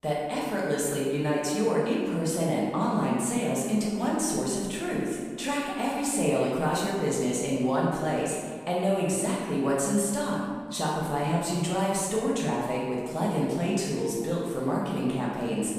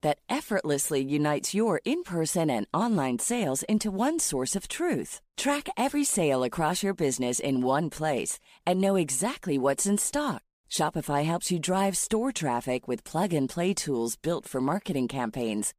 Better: second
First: room echo; strong; dies away in 1.5 s // off-mic speech; far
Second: none

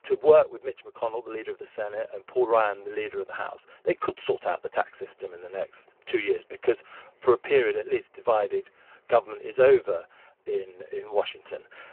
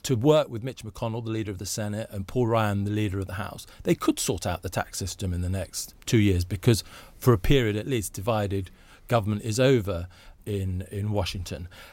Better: second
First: phone-call audio; poor line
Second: none

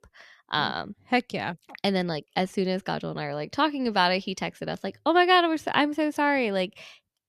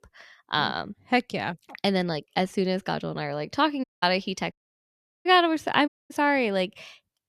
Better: first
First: none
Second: audio cutting out; at 4 s, at 4.5 s for 0.5 s and at 6 s

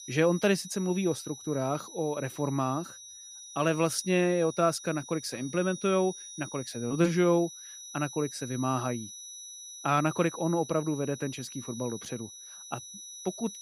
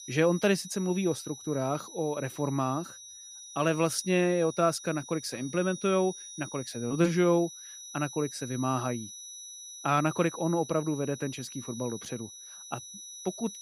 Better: neither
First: high-pitched whine; noticeable; throughout; 6 kHz, 15 dB below the speech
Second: high-pitched whine; noticeable; throughout; 6 kHz, 15 dB below the speech

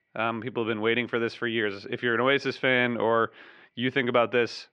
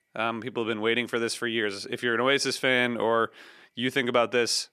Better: second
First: muffled; slightly; fading above 3 kHz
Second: none

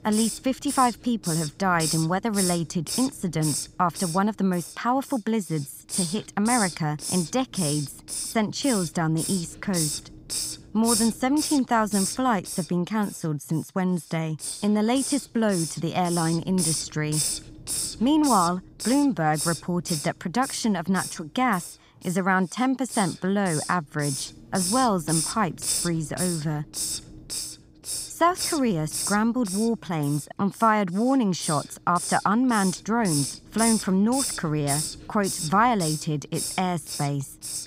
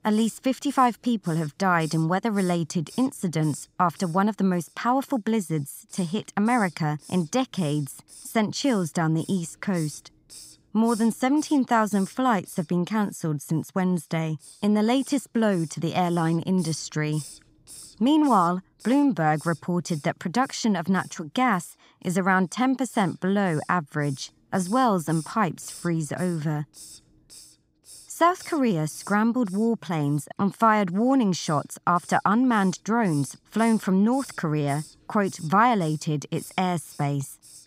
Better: second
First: hiss; loud; throughout; 5 dB below the speech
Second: hiss; faint; throughout; 20 dB below the speech

